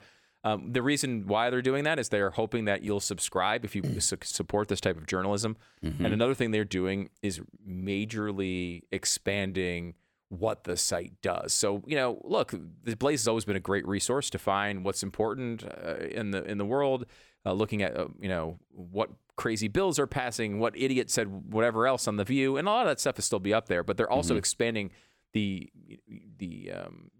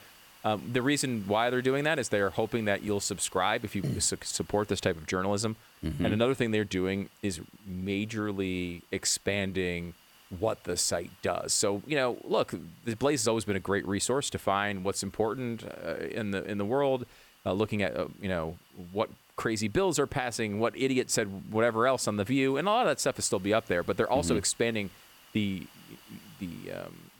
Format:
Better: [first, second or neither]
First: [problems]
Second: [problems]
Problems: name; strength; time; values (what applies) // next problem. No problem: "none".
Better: first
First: none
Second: hiss; faint; throughout; 25 dB below the speech